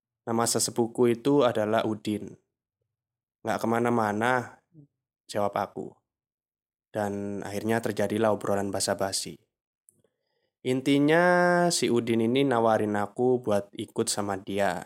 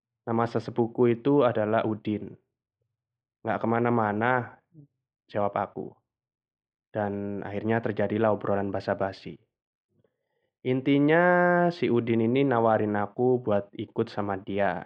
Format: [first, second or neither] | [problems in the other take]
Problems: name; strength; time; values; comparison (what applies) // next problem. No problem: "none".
first | muffled; very; fading above 3 kHz